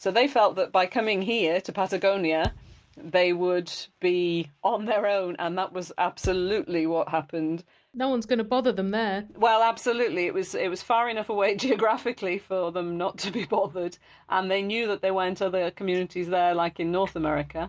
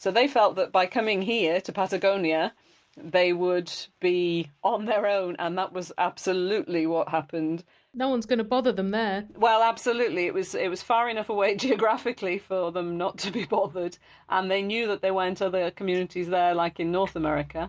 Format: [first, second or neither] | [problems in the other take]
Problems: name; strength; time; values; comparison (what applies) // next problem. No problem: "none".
second | background sound (Thump, thud); 13 dB below the speech